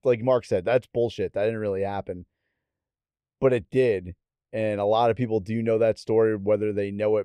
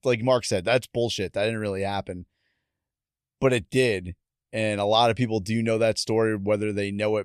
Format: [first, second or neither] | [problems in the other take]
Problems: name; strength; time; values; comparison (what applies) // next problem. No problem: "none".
second | muffled; very; fading above 3 kHz